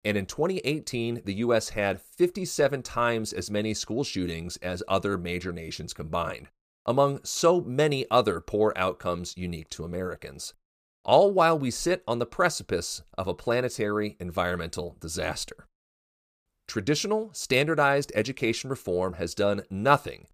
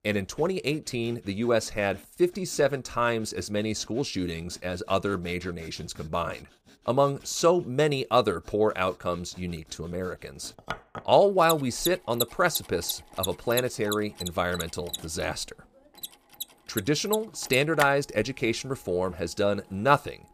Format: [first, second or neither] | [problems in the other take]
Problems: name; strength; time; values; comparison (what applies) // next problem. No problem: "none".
first | machinery noise; loud; throughout; 8 dB below the speech